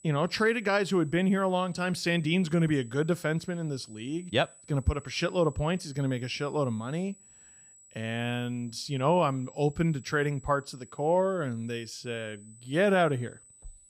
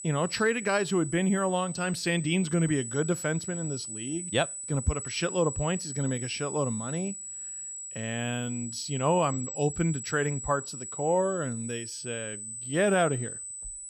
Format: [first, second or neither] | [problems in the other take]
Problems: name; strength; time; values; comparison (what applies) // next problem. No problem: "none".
first | high-pitched whine; loud; throughout; 8 kHz, 7 dB below the speech; faint in the first